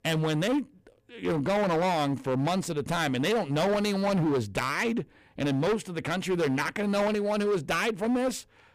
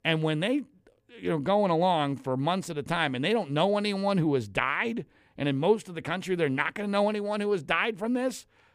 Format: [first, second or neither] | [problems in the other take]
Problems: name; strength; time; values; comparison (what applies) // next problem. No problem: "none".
second | distortion; heavy; 18% of the sound clipped